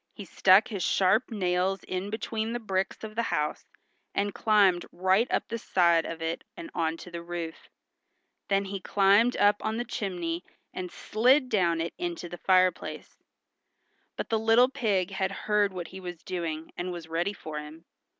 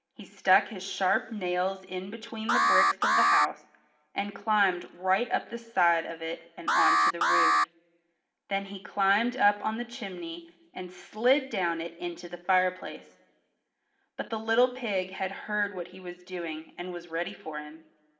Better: first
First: none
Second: background sound (Alarm); 5 dB above the speech // room echo; dies away in 1.6 s

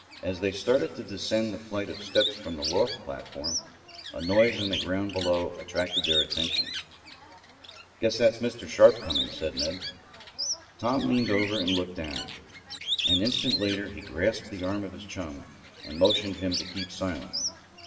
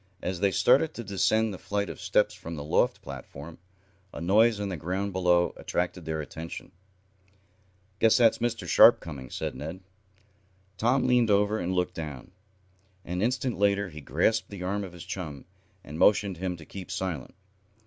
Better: second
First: background sound (Bird); 5 dB below the speech // room echo; dies away in 2.8 s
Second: none

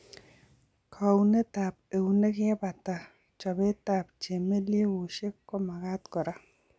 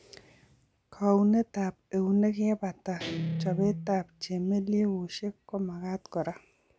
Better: first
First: none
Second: background sound (Guitar); 8 dB below the speech

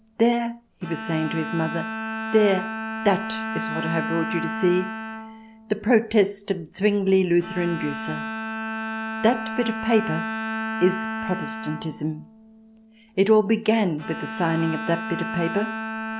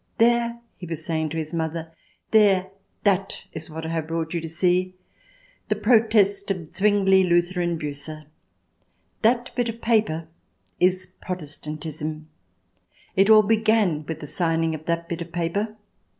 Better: second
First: background sound (Bowed string instrument); 7 dB below the speech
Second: none

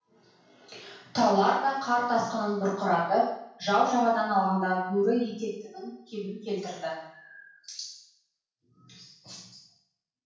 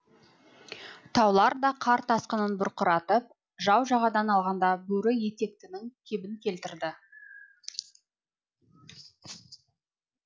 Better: second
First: room echo; dies away in 0.7 s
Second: none

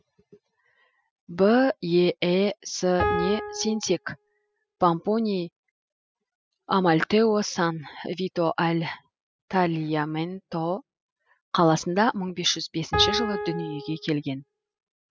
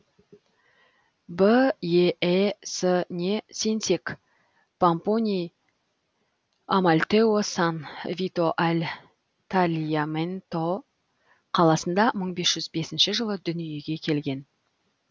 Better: second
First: noise reduction (classical method spectral subtraction)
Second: none

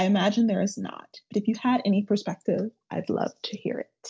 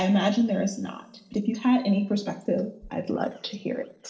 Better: first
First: none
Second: noise reduction (neural separator model SepFormer DNS4)

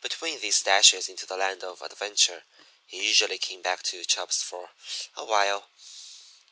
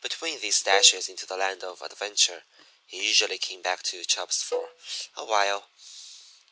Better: first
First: none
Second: background sound (Cowbell); 11 dB below the speech

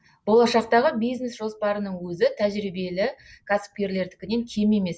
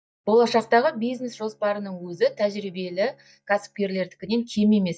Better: first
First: none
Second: noise reduction (neural mask model DeepFilterNet 3)

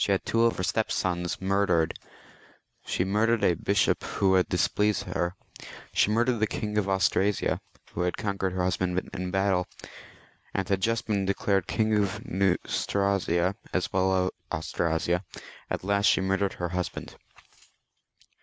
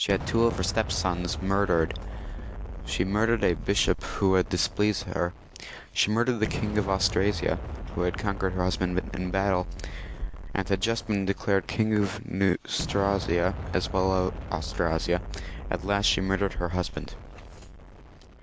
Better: first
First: none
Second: background sound (Explosion); 8 dB below the speech

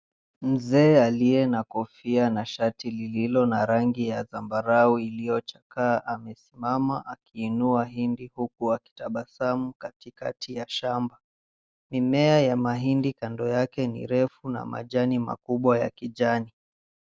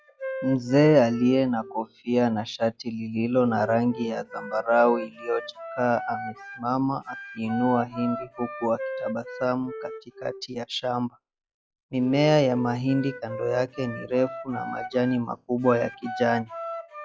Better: first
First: none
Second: noise reduction (classical method log-MMSE)

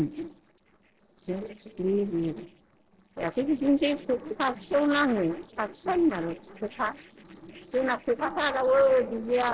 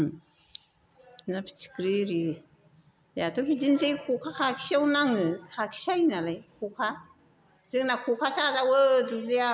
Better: second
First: noise reduction (neural separator model SepFormer DNS4)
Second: none

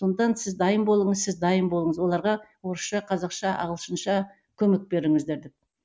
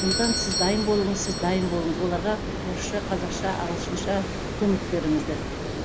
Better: first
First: none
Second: background sound (Water + Doorbell); 2 dB below the speech

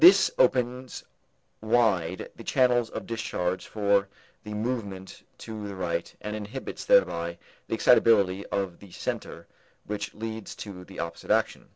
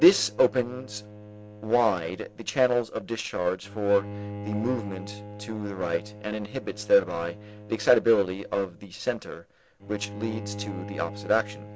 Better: first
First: none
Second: background sound (Bowed string instrument); 14 dB below the speech

